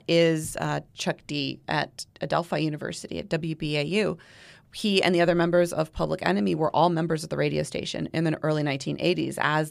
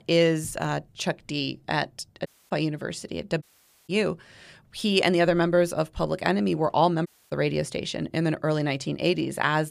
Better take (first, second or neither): first